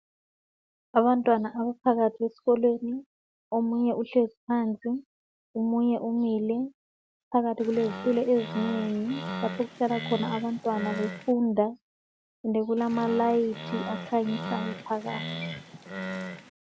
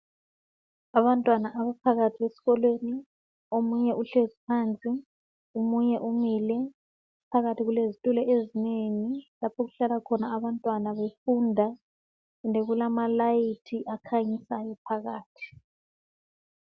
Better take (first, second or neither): second